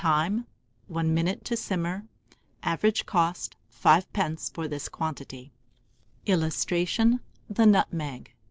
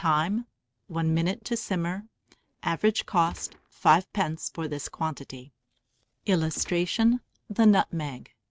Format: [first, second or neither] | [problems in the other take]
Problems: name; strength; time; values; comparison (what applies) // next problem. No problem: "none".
first | noise reduction (neural mask model RNNoise)